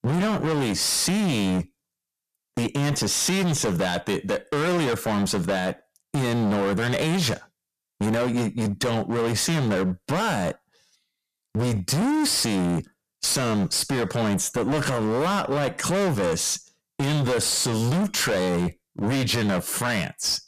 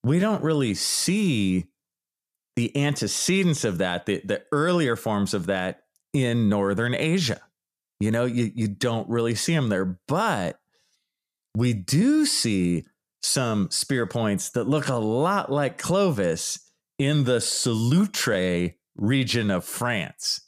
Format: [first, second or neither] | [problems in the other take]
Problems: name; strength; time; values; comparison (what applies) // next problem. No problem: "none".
second | distortion; heavy; 31% of the sound clipped